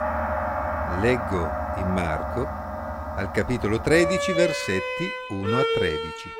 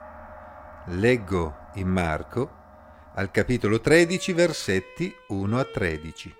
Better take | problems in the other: second | background music; loud; throughout; 2 dB below the speech; faint in the second

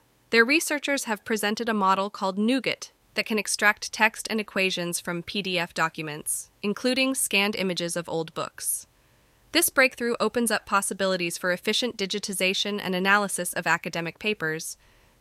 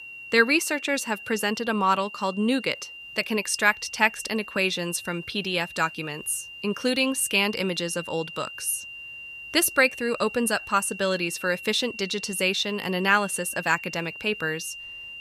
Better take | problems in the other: first | high-pitched whine; noticeable; throughout; 3 kHz, 15 dB below the speech

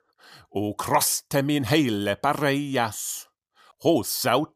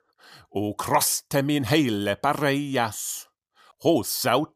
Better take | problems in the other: neither | none

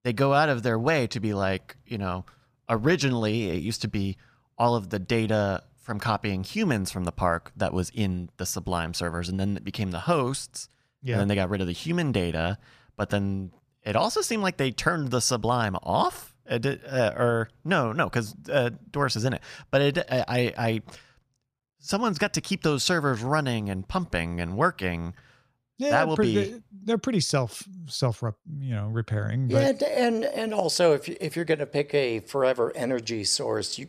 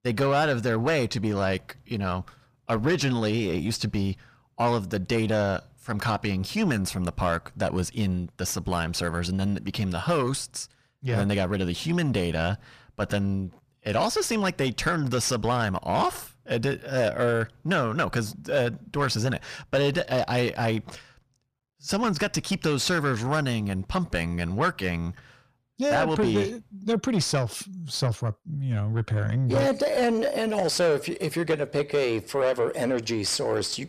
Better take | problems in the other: first | distortion; slight; 10 dB below the speech

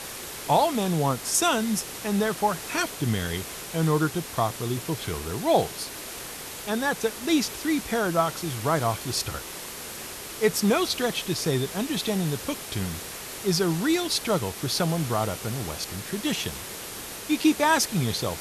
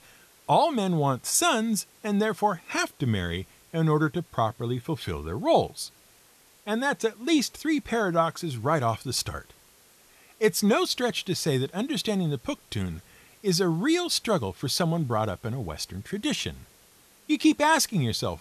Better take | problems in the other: second | hiss; loud; throughout; 9 dB below the speech; faint in the second

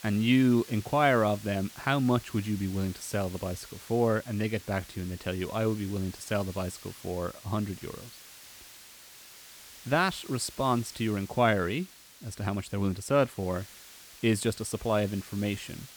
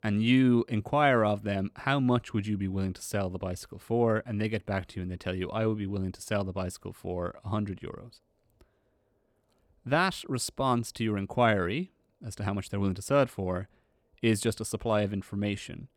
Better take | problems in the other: second | hiss; noticeable; throughout; 20 dB below the speech

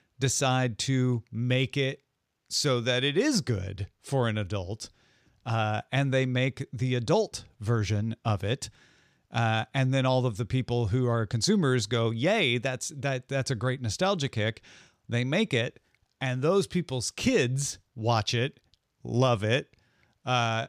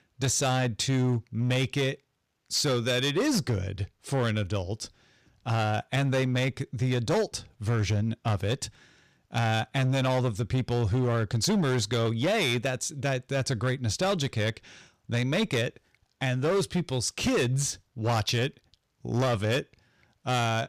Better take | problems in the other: first | distortion; slight; 12% of the sound clipped

